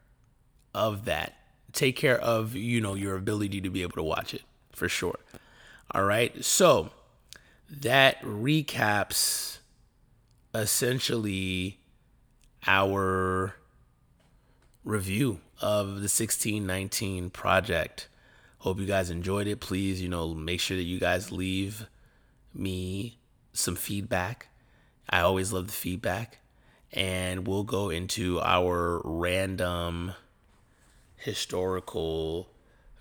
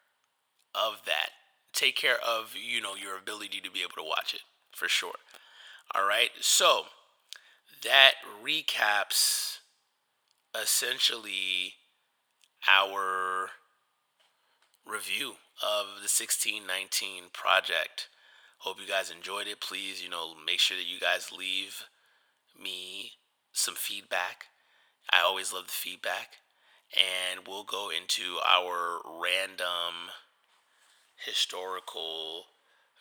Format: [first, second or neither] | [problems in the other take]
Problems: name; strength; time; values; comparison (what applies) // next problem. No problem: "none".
first | thin; very; fading below 900 Hz